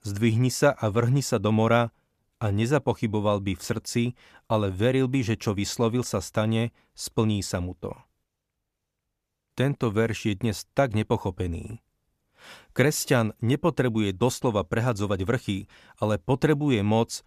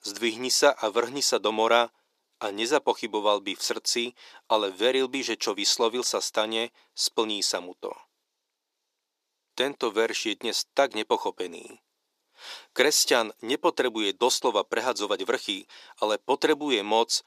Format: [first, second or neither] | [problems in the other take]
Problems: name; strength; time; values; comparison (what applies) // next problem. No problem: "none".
first | thin; very; fading below 350 Hz